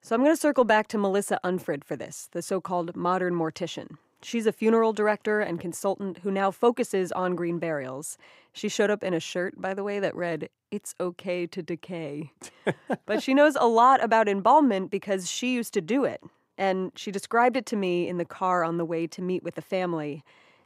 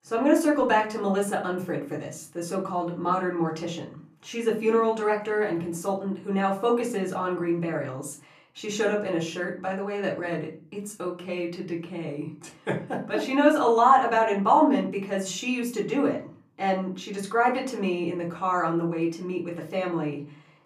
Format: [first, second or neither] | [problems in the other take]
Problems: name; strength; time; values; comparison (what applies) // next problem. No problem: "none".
first | off-mic speech; far // room echo; very slight; dies away in 0.4 s